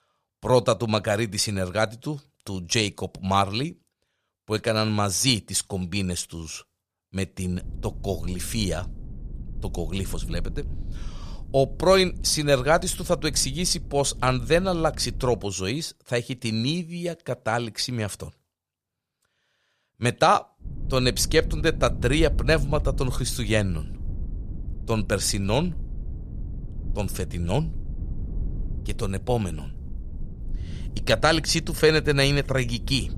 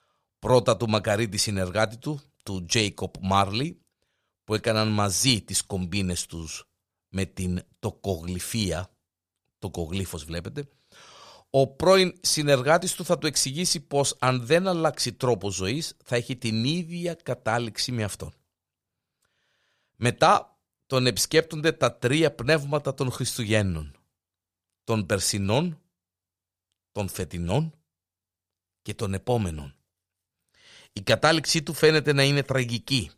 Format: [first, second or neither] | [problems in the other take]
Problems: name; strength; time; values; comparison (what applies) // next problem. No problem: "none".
second | low rumble; faint; from 7.5 to 15 s and from 21 s on; 25 dB below the speech